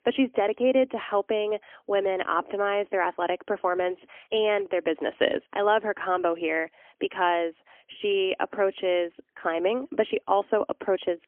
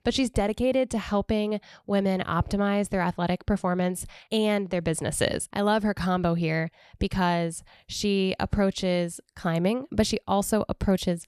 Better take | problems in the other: second | phone-call audio; poor line; nothing above 3.5 kHz

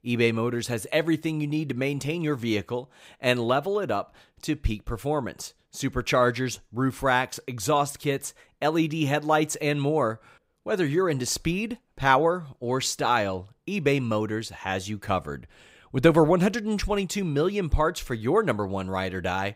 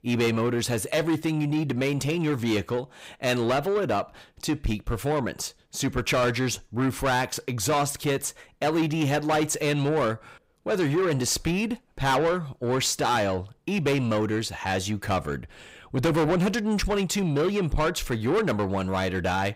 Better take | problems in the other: first | distortion; heavy; 7 dB below the speech

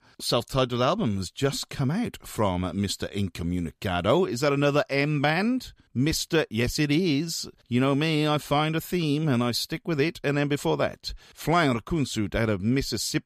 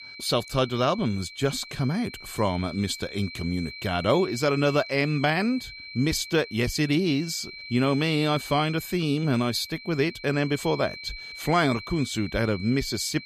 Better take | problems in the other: first | high-pitched whine; noticeable; throughout; 2.5 kHz, 15 dB below the speech

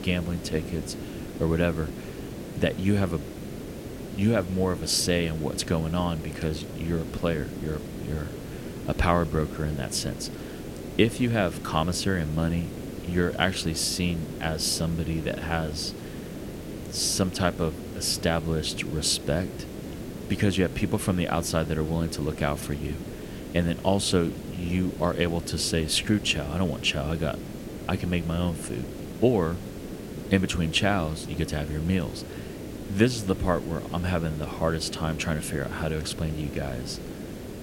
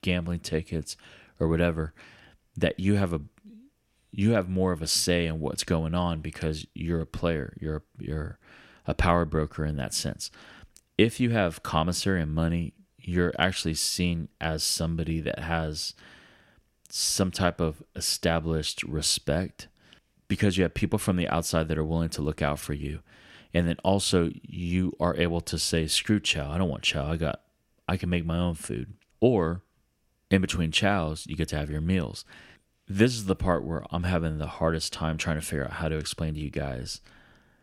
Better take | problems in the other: second | hiss; loud; throughout; 10 dB below the speech

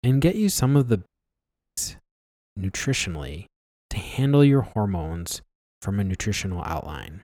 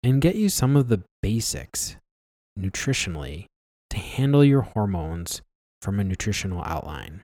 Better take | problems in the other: second | audio cutting out; at 1 s for 0.5 s

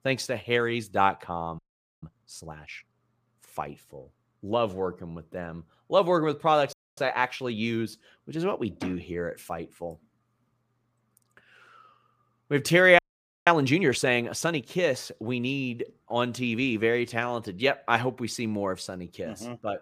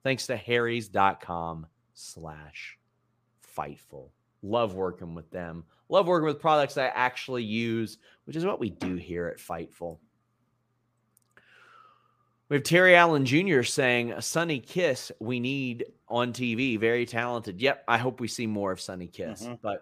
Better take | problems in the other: second | audio freezing; at 1.5 s, at 6.5 s and at 13 s

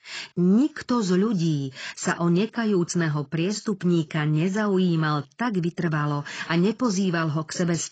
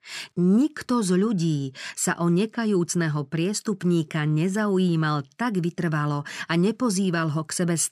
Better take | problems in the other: second | garbled, watery; badly; nothing above 7.5 kHz

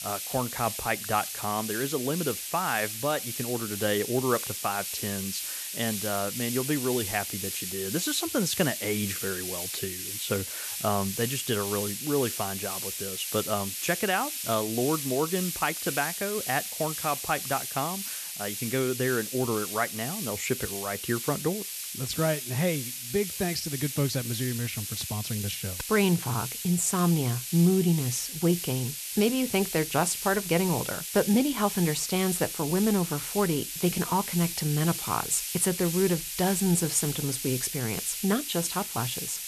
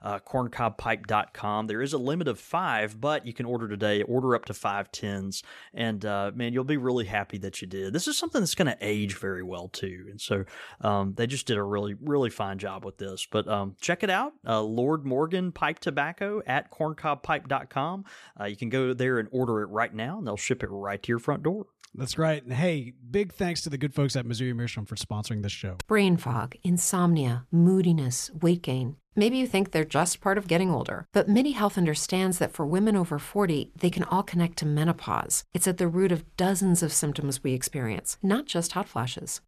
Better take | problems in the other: second | hiss; loud; throughout; 4 dB below the speech

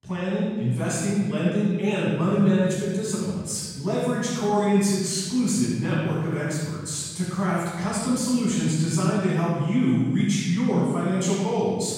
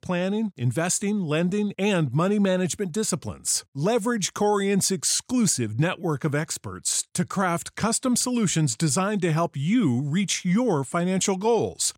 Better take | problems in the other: second | room echo; strong; dies away in 1.5 s // off-mic speech; far

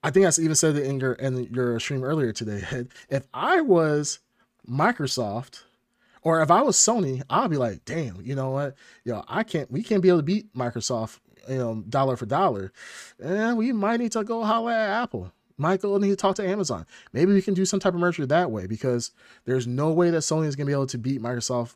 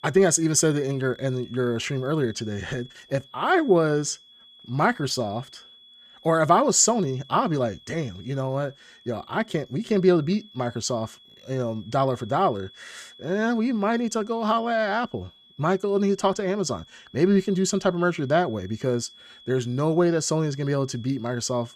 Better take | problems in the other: first | high-pitched whine; faint; throughout; 3.5 kHz, 25 dB below the speech

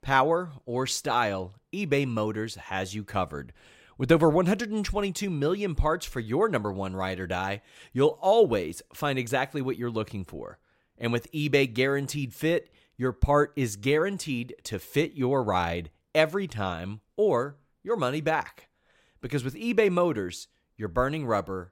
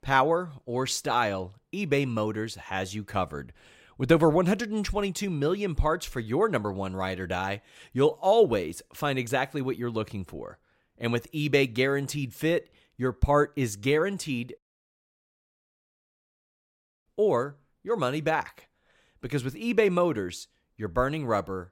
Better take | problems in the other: first | audio cutting out; at 15 s for 2.5 s

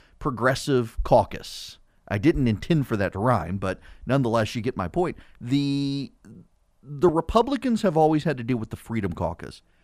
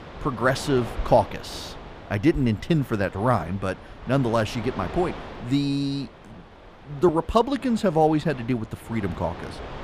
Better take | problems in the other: first | wind noise on the microphone; occasional gusts; 15 dB below the speech

